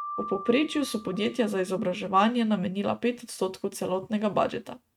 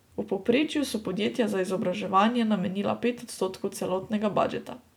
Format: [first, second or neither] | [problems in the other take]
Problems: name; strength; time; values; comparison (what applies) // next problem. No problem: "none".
second | noise reduction (neural mask model RNNoise)